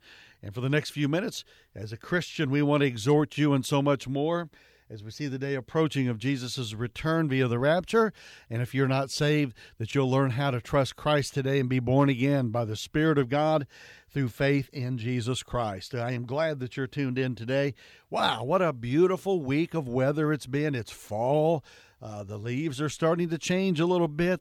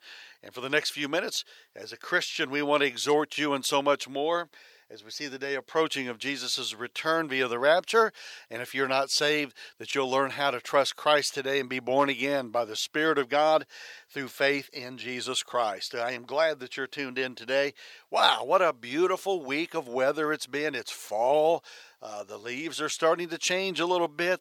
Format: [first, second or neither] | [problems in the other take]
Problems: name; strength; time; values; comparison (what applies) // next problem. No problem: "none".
first | thin; somewhat; fading below 550 Hz